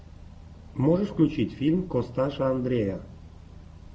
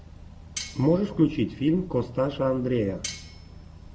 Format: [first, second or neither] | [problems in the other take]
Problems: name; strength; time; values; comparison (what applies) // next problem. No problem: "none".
first | background sound (Cutlery, silverware); 14 dB below the speech